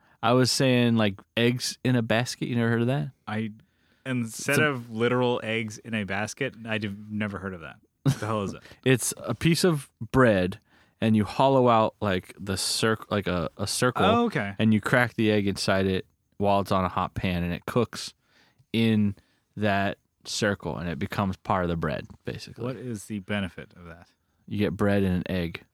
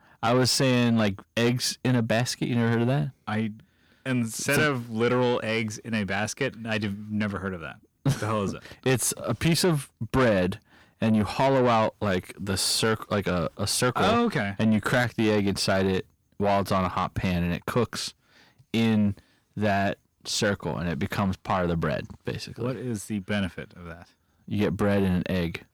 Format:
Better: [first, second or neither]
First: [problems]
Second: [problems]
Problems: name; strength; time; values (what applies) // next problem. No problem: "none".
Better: first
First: none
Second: distortion; slight; 10 dB below the speech